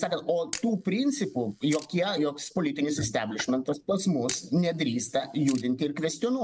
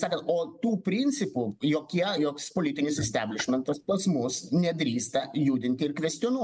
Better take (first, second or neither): second